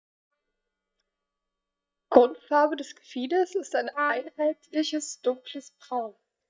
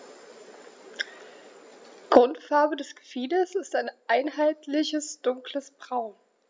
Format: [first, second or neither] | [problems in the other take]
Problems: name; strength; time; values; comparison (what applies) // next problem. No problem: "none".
second | noise reduction (neural mask model DeepFilterNet 3)